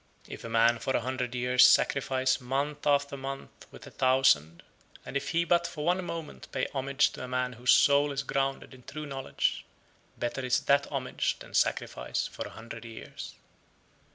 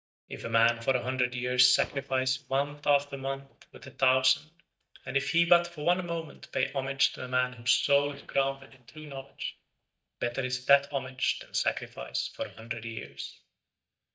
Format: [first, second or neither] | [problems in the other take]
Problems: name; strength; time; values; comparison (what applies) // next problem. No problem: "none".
first | noise reduction (neural mask model DeepFilterNet 3)